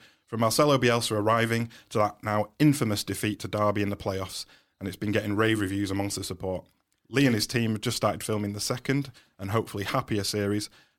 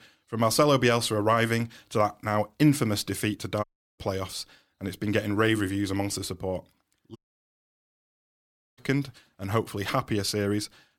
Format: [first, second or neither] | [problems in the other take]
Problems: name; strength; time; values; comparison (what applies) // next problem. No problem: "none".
first | audio cutting out; at 3.5 s and at 7 s for 1.5 s